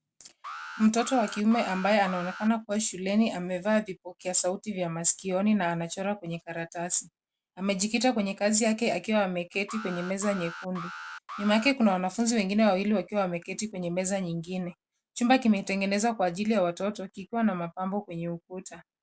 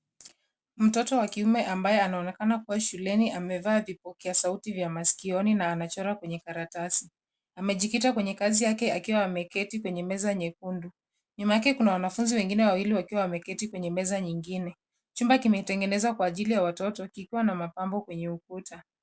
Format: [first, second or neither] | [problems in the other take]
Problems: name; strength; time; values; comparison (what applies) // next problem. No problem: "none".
second | background sound (Alarm); 14 dB below the speech